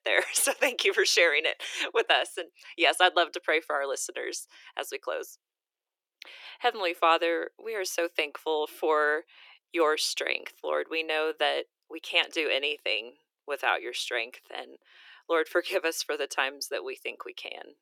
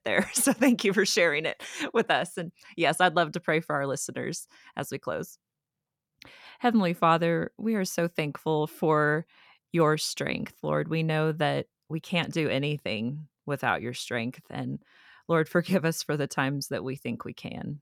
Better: second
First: thin; very; fading below 350 Hz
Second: none

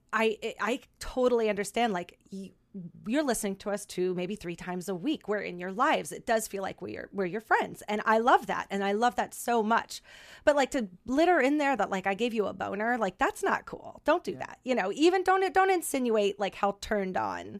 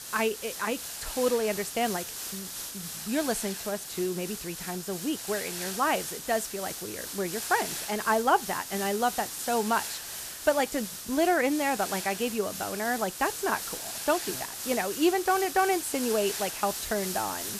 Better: first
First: none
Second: hiss; loud; throughout; 6 dB below the speech

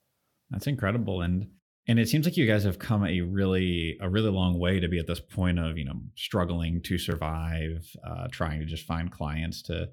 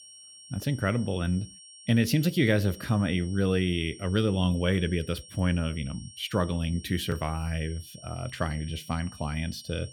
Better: first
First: none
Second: high-pitched whine; noticeable; throughout; 5.5 kHz, 20 dB below the speech

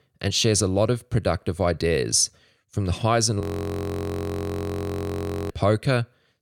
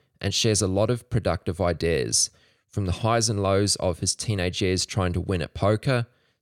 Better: second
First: audio freezing; at 3.5 s for 2 s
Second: none

